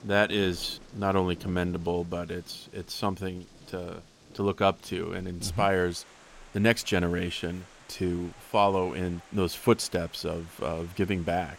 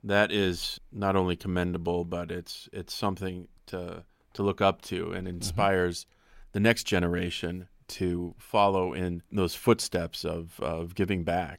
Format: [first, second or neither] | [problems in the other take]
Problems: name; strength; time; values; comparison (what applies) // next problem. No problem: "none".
second | rain or running water; faint; throughout; 20 dB below the speech